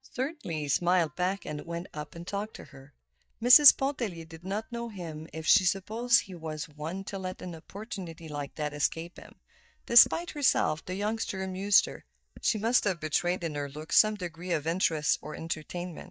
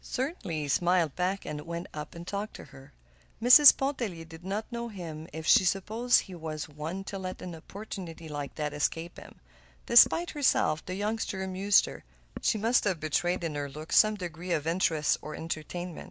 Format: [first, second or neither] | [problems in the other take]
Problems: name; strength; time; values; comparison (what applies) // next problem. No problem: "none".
second | noise reduction (neural mask model DeepFilterNet 3)